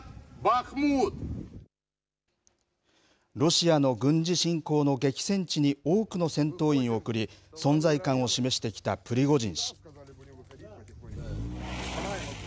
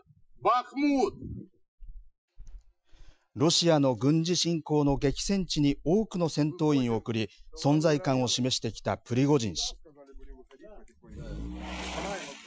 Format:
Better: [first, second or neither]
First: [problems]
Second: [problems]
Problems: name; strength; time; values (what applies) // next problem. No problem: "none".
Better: first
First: none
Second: noise reduction (classical method Wiener filter)